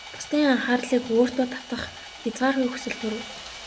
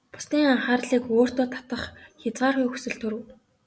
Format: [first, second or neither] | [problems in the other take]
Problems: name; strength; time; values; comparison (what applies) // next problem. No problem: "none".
second | background sound (Sawing); 15 dB below the speech